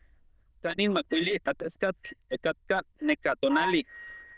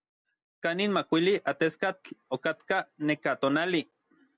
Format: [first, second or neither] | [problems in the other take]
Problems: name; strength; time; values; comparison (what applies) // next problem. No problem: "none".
second | noise reduction (neural diffusion model UNIVERSE++)